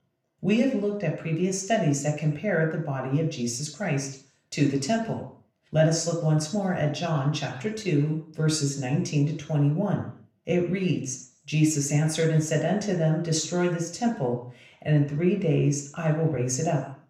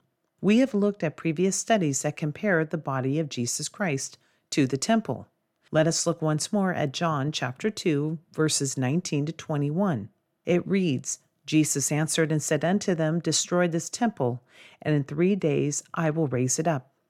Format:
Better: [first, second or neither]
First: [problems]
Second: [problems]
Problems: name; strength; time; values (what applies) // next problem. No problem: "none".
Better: second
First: room echo; slight; dies away in 0.6 s // off-mic speech; somewhat distant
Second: none